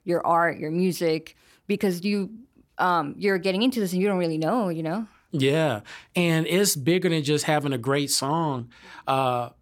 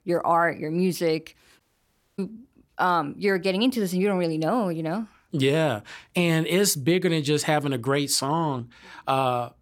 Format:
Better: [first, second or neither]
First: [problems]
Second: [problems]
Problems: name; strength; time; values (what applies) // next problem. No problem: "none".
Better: first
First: none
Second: audio cutting out; at 1.5 s for 0.5 s